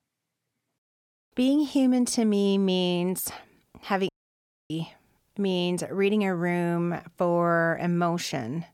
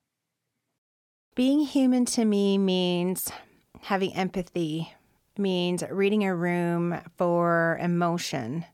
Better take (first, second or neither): second